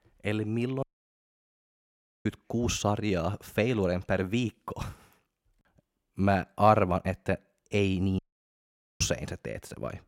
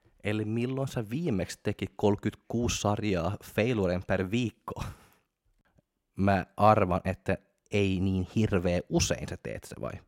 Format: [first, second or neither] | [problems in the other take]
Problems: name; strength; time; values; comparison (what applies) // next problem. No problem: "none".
second | audio cutting out; at 1 s for 1.5 s and at 8 s for 1 s